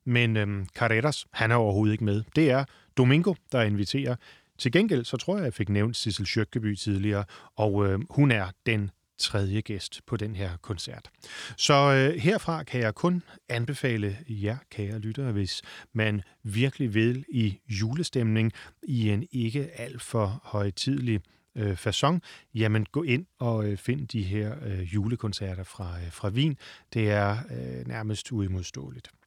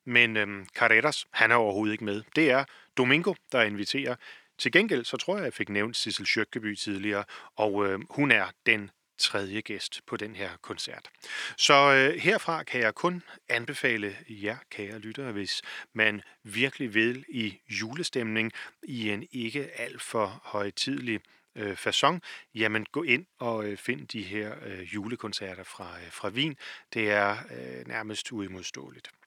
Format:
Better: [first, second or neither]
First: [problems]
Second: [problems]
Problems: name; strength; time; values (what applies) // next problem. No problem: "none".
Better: first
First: none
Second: thin; somewhat; fading below 300 Hz